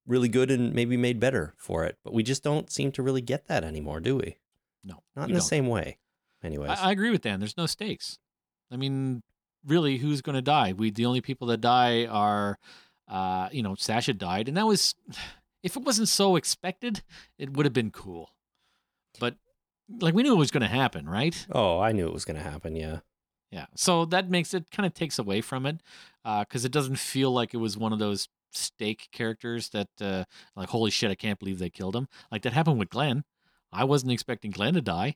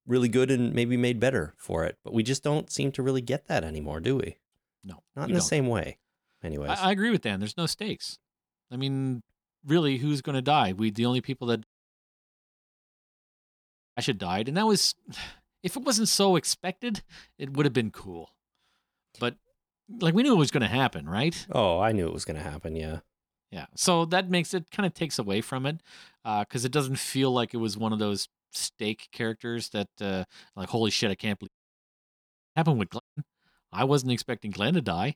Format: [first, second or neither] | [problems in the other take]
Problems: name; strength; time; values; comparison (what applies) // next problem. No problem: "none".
first | audio cutting out; at 12 s for 2.5 s, at 31 s for 1 s and at 33 s